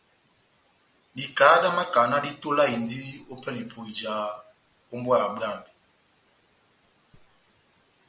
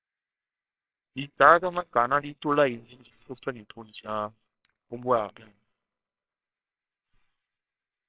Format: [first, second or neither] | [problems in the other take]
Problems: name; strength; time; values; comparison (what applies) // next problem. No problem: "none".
first | noise reduction (neural separator model SepFormer WHAMR!)